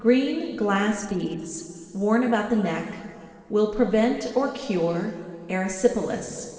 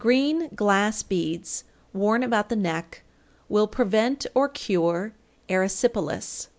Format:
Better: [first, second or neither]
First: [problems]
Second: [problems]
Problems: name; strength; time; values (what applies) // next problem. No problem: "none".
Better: second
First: noise reduction (neural separator model SepFormer DNS4)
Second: none